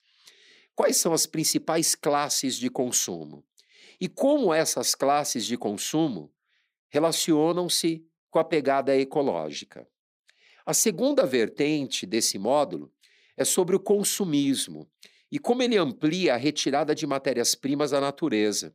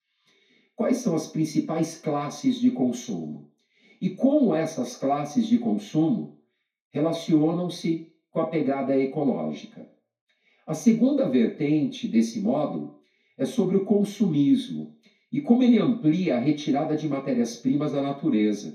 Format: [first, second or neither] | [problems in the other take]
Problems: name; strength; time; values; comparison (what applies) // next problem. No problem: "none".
first | room echo; slight; dies away in 0.4 s // off-mic speech; far